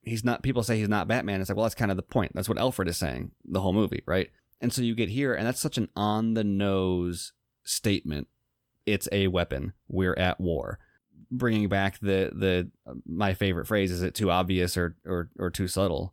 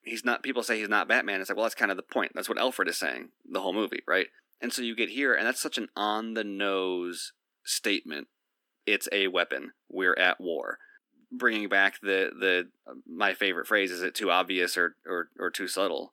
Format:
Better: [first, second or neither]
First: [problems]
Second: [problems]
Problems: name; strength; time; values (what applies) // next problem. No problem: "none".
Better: first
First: none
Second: thin; somewhat; fading below 250 Hz